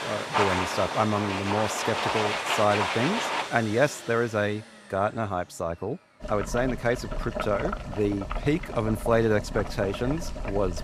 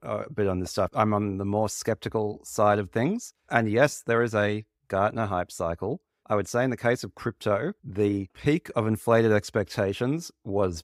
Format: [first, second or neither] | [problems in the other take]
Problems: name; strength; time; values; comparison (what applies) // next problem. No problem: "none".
second | household noises; loud; throughout; 3 dB below the speech